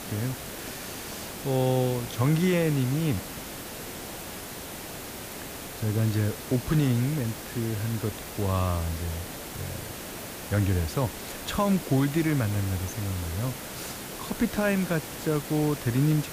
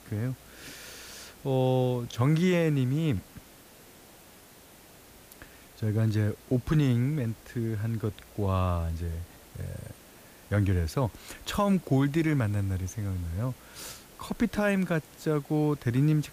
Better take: second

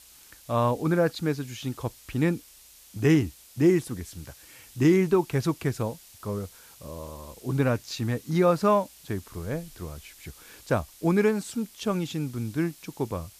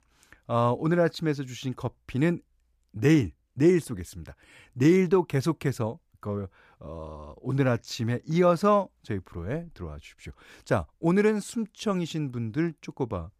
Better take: second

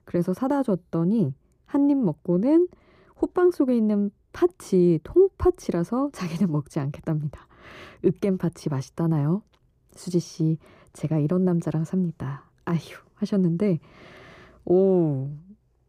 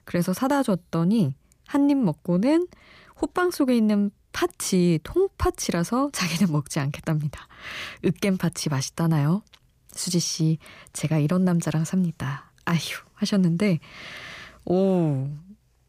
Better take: second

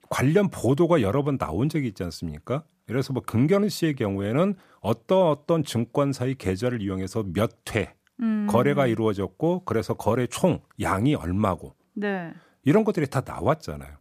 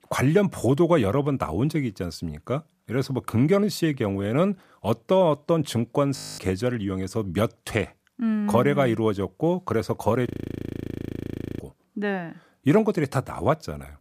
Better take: first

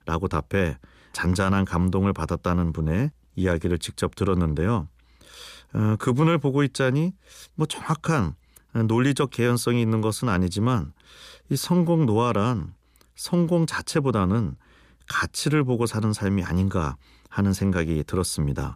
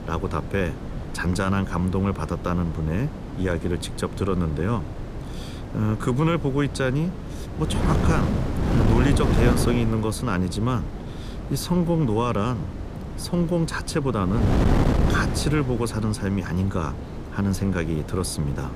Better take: first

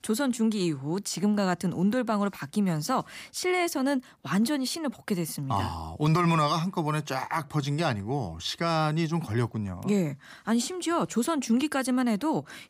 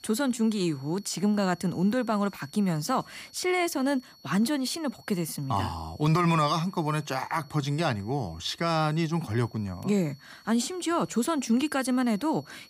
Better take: first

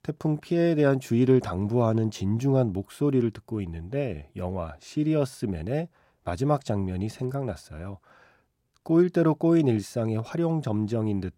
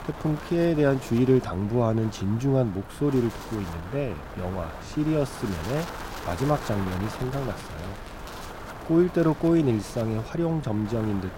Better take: first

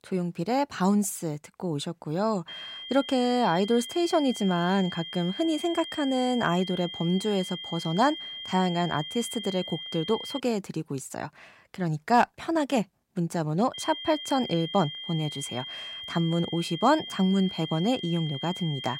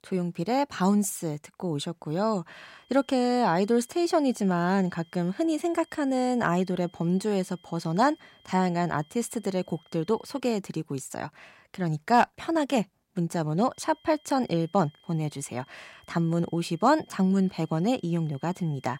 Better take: second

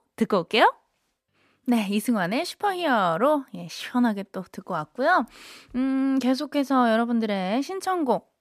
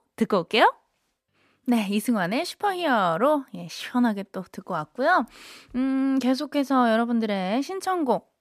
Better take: neither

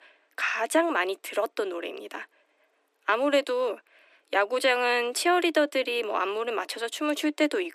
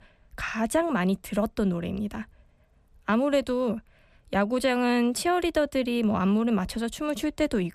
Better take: second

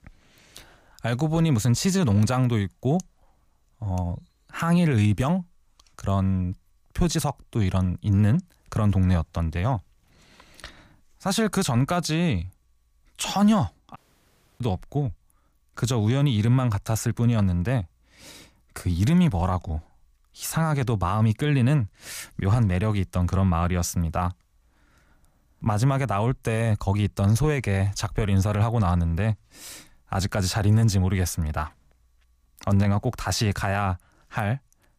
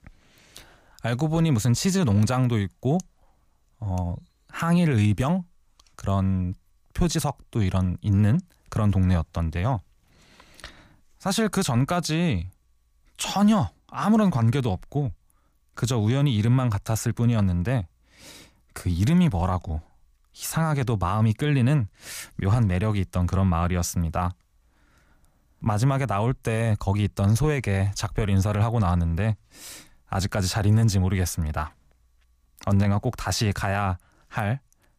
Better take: second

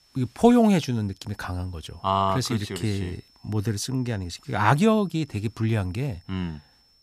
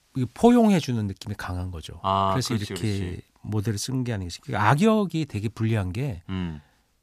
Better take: second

